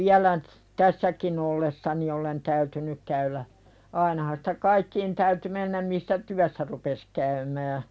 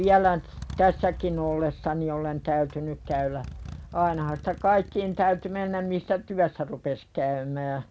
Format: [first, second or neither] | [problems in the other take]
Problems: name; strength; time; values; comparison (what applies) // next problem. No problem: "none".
first | background sound (Motorcycle); 16 dB below the speech